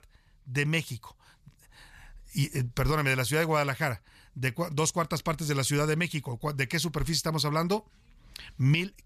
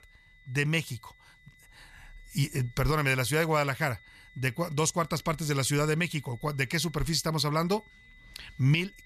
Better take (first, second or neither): first